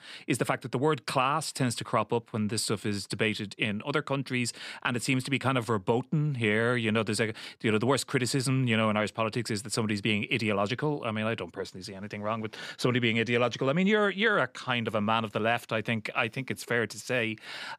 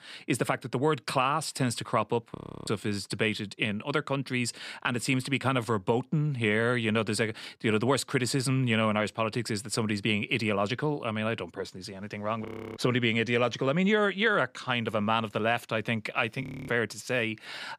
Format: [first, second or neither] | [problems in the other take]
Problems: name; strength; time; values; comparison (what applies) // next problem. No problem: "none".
first | audio freezing; at 2.5 s, at 12 s and at 16 s